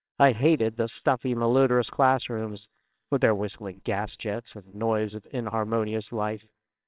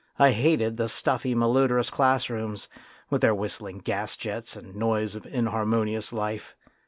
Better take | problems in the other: second | noise reduction (neural separator model SepFormer WHAMR!)

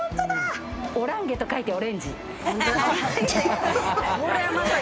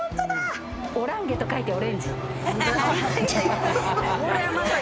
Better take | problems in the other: first | background sound (Race car, auto racing / Engine starting); 6 dB below the speech

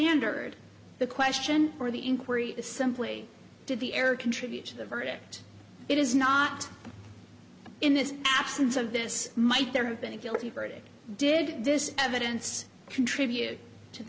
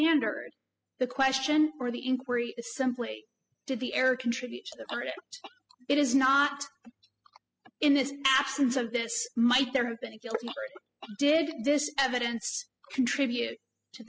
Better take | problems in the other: first | noise reduction (classical method spectral subtraction)

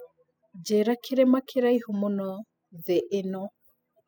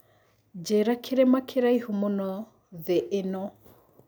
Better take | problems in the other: second | noise reduction (classical method spectral subtraction)

